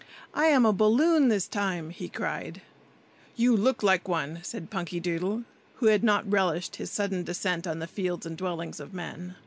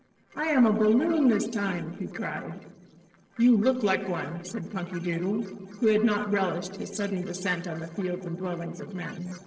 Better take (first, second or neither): first